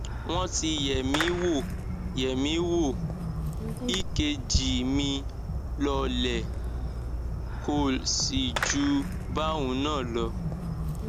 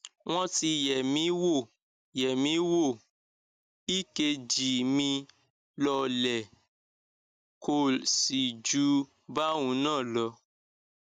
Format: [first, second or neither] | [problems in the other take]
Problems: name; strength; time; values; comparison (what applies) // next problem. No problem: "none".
second | background sound (Fireworks); 2 dB below the speech